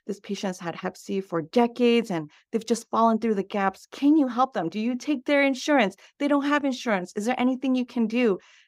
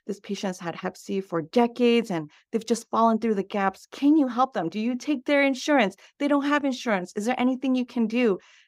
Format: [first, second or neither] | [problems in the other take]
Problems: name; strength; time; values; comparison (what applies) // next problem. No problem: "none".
neither | none